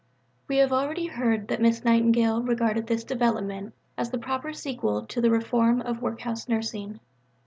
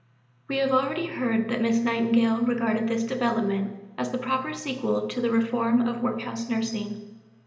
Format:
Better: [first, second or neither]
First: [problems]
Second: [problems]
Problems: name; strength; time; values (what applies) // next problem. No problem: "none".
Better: first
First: none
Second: room echo; dies away in 0.9 s